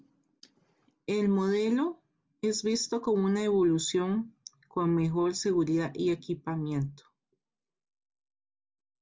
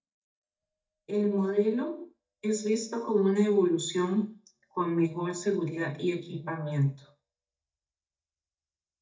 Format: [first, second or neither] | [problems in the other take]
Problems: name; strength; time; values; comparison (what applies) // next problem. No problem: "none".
first | noise reduction (neural mask model DeepFilterNet 3)